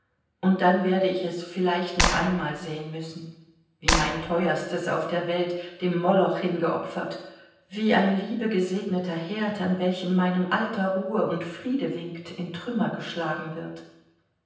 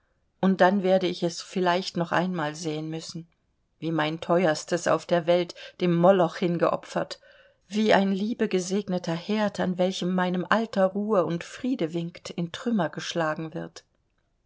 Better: second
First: background sound (Clapping); as loud as the speech // room echo; dies away in 0.9 s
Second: none

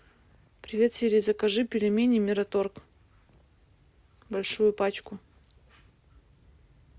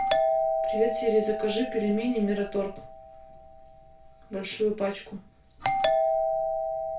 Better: first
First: none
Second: background sound (Doorbell); 1 dB above the speech // room echo; dies away in 0.3 s

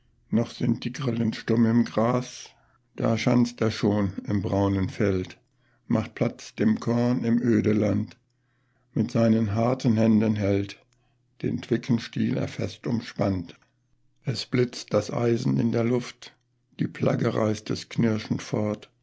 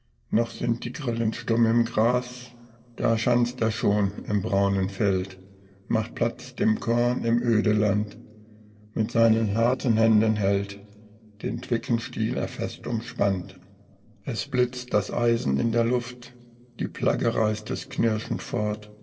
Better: first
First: none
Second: noise reduction (neural separator model SepFormer DNS4)

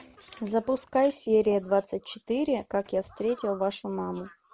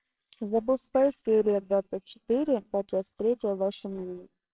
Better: first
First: none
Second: noise reduction (neural separator model SepFormer WHAMR!)

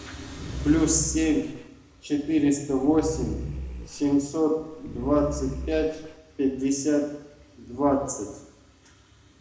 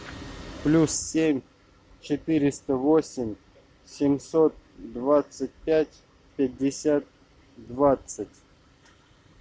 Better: second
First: background sound (Growling); 8 dB below the speech // room echo; dies away in 0.9 s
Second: none

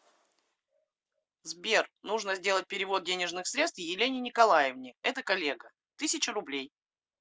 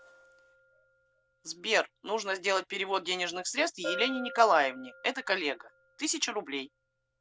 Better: first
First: none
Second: background sound (Bell); 14 dB below the speech

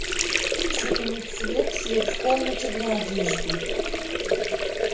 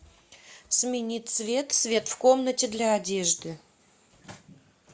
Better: second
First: background sound (Sink (filling or washing) / Water); 4 dB above the speech // room echo; dies away in 0.6 s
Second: none

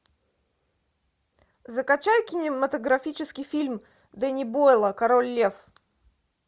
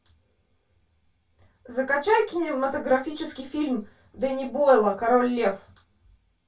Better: first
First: none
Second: room echo; dies away in 0.1 s

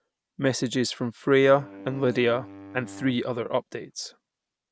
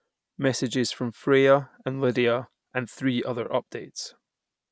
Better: second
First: background sound (Wind instrument, woodwind instrument); 18 dB below the speech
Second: none

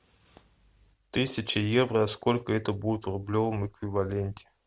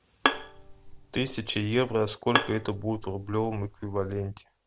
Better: first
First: none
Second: background sound (Bowed string instrument); 4 dB below the speech

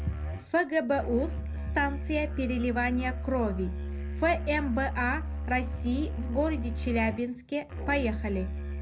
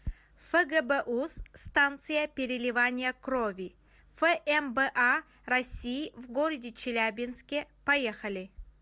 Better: second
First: background sound (Musical instrument); 4 dB below the speech // room echo; dies away in 0.4 s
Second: none

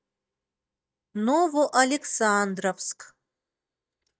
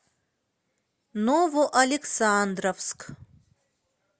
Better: second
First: noise reduction (neural mask model DeepFilterNet 3)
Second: none

